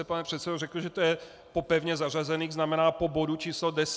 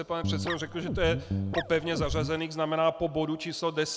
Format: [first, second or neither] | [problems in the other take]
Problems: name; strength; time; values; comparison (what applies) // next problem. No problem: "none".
first | background sound (Guitar); 3 dB below the speech